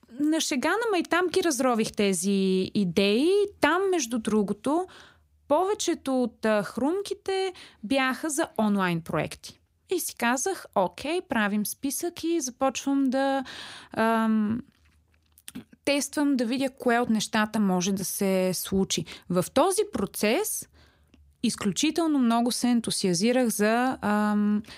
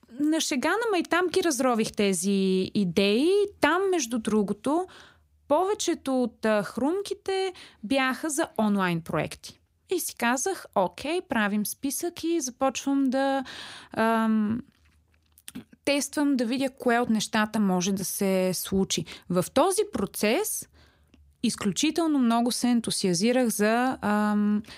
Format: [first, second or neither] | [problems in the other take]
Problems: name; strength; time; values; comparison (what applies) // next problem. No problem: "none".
neither | none